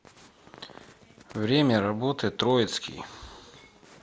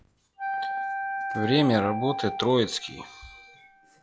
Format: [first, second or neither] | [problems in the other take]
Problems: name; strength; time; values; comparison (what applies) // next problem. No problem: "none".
first | noise reduction (classical method log-MMSE)